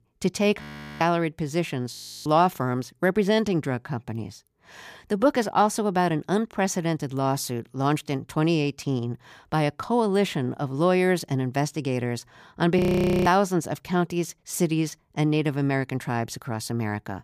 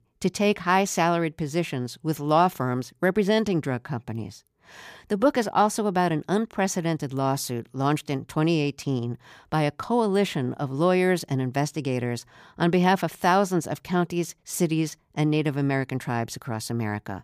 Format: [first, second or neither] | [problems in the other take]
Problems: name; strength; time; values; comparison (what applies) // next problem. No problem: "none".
second | audio freezing; at 0.5 s, at 2 s and at 13 s